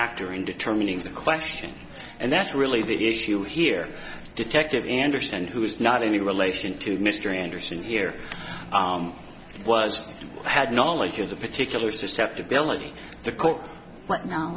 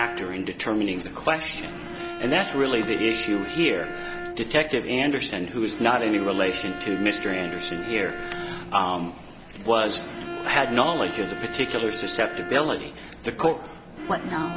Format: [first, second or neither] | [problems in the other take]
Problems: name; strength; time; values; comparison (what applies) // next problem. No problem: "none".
first | background sound (Bowed string instrument); 11 dB below the speech